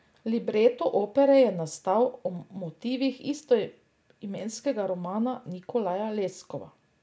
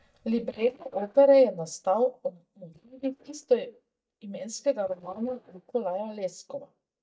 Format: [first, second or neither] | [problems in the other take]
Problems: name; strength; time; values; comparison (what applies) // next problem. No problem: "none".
first | noise reduction (neural mask model DeepFilterNet 3)